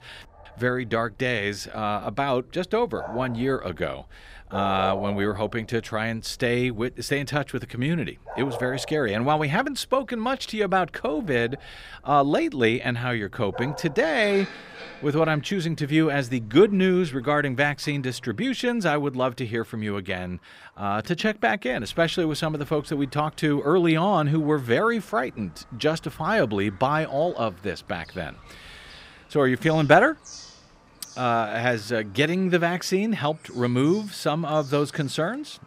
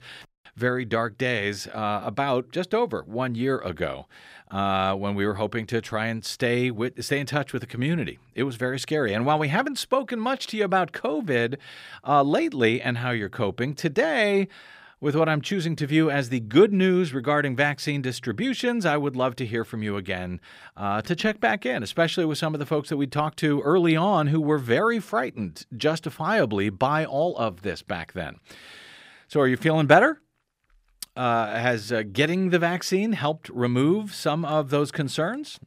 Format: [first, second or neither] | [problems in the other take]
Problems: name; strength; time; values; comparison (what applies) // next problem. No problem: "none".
second | animal sounds; noticeable; throughout; 20 dB below the speech